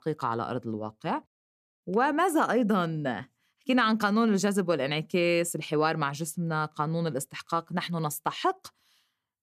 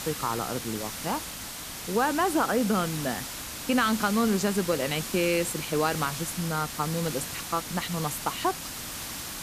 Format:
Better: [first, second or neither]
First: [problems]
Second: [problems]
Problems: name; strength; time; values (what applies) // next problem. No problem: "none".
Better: first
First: none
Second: hiss; loud; throughout; 6 dB below the speech